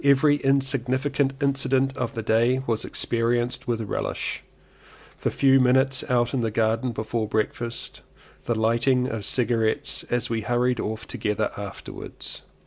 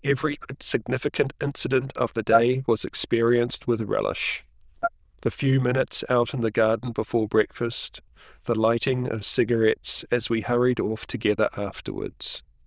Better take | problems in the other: first | noise reduction (neural diffusion model UNIVERSE++)

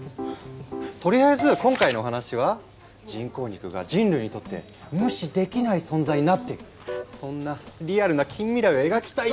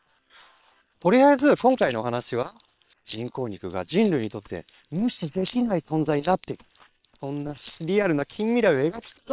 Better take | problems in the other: first | noise reduction (neural separator model SepFormer WHAM!)

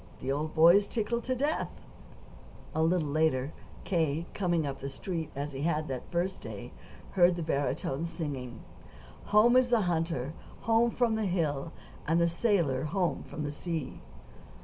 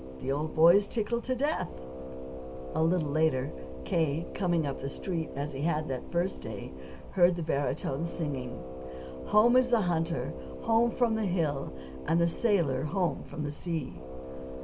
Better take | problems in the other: first | background sound (Brass instrument); 12 dB below the speech

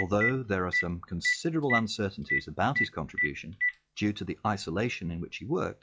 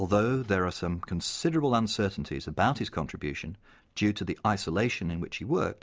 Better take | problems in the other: second | noise reduction (classical method log-MMSE)

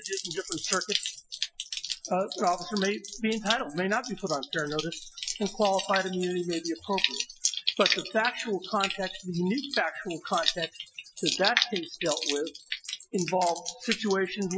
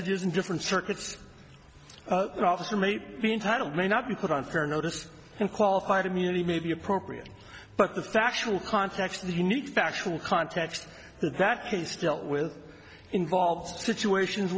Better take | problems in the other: second | noise reduction (classical method Wiener filter)

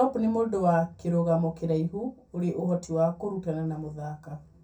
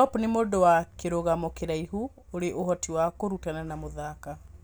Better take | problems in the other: second | room echo; dies away in 0.3 s

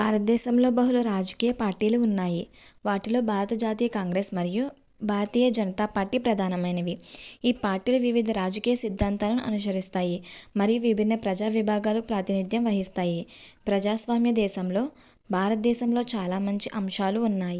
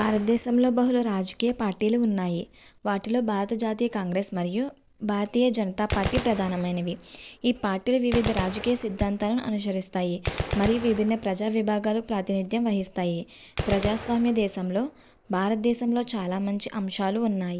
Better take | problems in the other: first | background sound (Gunshot, gunfire); 12 dB below the speech

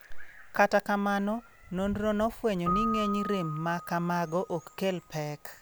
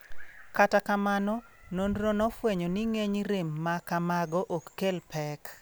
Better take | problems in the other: second | background sound (Keyboard (musical)); 10 dB below the speech

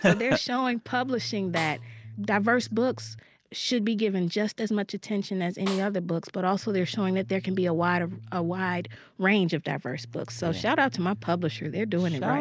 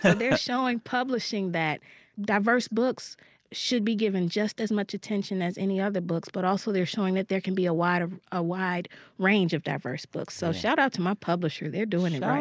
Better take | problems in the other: second | background sound (Snare drum + Bass guitar); 15 dB below the speech

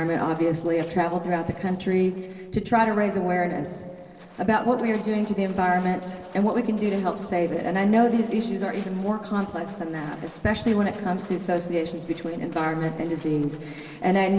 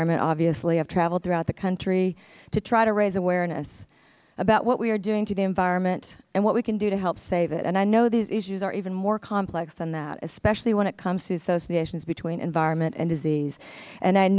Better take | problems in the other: second | noise reduction (neural separator model SepFormer DNS4)

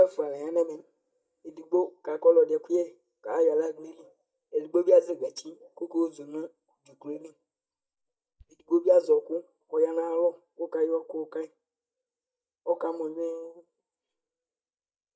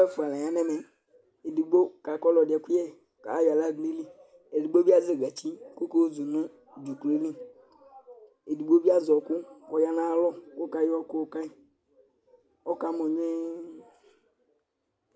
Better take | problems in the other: second | noise reduction (neural mask model DeepFilterNet 3)

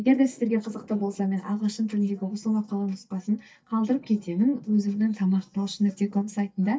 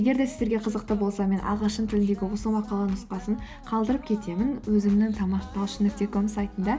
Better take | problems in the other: second | noise reduction (neural mask model DeepFilterNet 3)

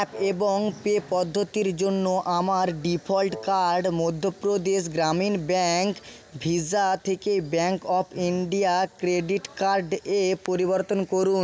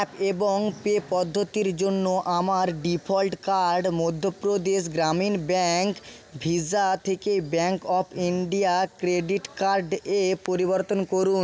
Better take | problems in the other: second | background sound (Wind instrument, woodwind instrument); 16 dB below the speech

